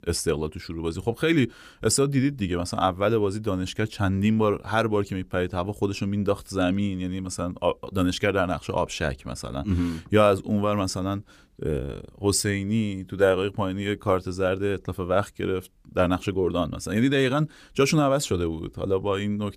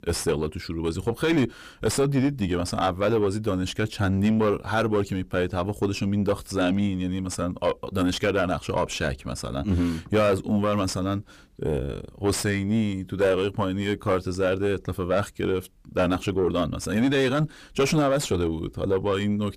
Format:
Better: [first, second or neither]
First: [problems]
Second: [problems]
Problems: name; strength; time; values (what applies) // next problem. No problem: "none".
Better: first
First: none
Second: distortion; slight; 9 dB below the speech